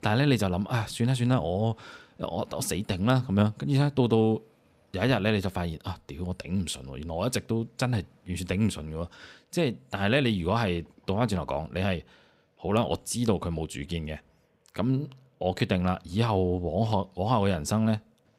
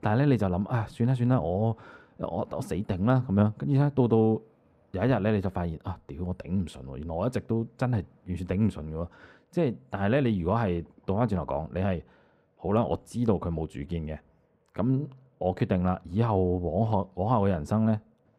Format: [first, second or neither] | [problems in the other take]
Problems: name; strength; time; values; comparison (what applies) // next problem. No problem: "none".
first | muffled; very; fading above 2 kHz